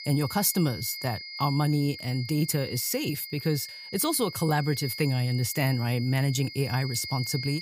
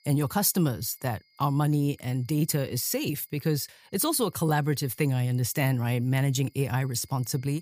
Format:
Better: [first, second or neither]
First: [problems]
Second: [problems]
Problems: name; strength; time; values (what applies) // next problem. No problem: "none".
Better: second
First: high-pitched whine; loud; throughout; 5 kHz, 10 dB below the speech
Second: high-pitched whine; faint; throughout; 5 kHz, 35 dB below the speech